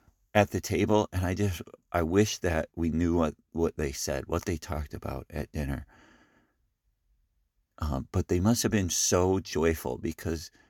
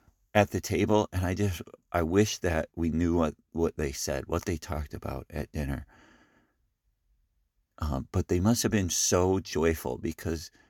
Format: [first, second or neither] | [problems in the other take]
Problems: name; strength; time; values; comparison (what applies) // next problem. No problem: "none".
neither | none